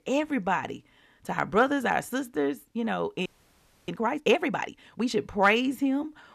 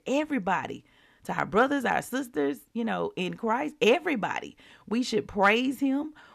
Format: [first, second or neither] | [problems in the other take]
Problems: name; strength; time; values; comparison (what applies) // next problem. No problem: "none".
second | audio freezing; at 3.5 s for 0.5 s